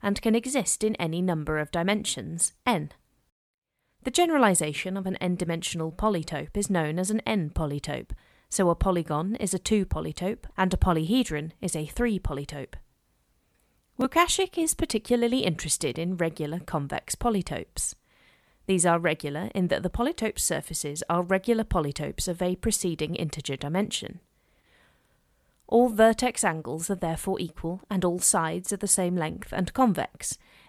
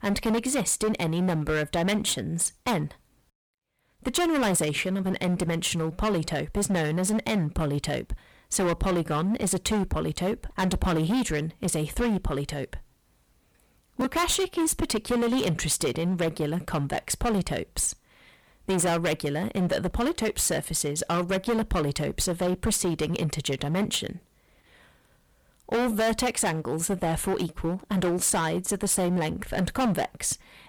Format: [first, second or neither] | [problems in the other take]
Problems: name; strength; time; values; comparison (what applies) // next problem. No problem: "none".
first | distortion; heavy; 16% of the sound clipped